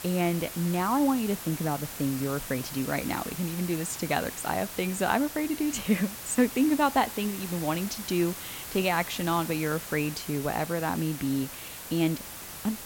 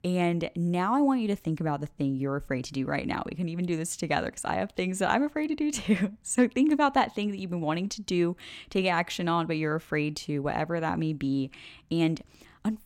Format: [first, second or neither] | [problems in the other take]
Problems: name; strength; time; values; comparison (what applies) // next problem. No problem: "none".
second | hiss; loud; throughout; 9 dB below the speech